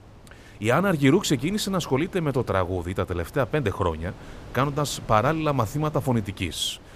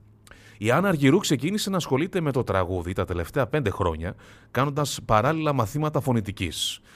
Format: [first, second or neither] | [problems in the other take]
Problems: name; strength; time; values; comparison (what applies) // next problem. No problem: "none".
second | wind noise on the microphone; occasional gusts; 20 dB below the speech